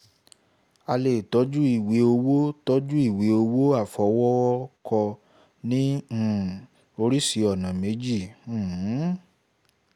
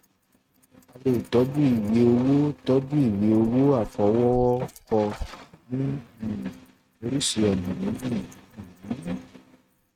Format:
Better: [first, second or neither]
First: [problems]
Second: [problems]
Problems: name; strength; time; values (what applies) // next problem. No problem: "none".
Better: first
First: none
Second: noise reduction (neural mask model RNNoise)